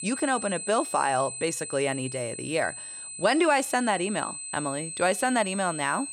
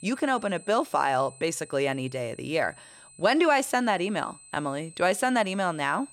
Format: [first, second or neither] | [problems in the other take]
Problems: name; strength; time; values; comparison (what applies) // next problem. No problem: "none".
second | high-pitched whine; loud; throughout; 8 kHz, 8 dB below the speech; faint in the second